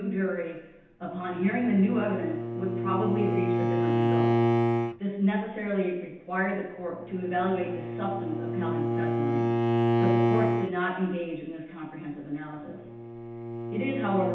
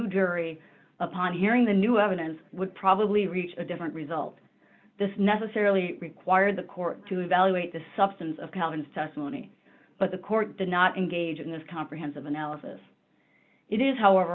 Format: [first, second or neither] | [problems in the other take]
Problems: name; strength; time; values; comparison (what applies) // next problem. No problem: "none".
second | background sound (Bowed string instrument); 1 dB above the speech // room echo; dies away in 0.9 s